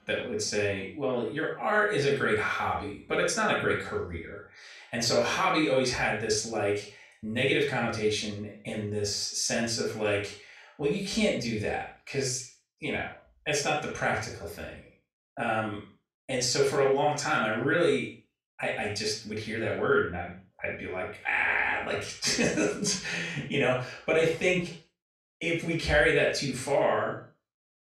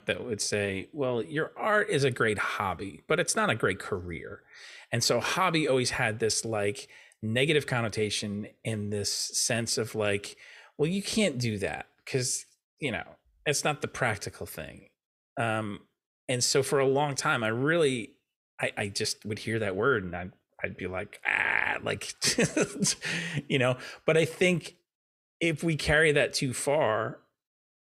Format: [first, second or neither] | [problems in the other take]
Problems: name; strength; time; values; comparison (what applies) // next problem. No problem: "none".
second | room echo; noticeable; dies away in 0.3 s // off-mic speech; far